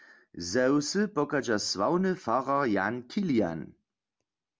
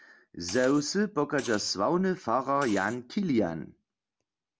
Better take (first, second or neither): first